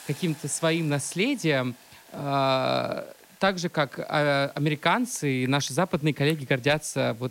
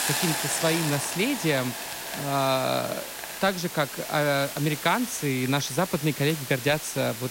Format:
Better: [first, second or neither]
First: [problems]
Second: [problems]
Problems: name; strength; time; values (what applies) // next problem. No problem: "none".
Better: first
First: hiss; faint; throughout; 25 dB below the speech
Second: hiss; loud; throughout; 6 dB below the speech